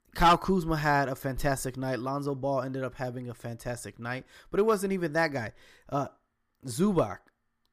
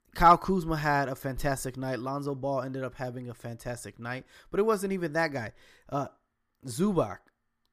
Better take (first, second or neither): second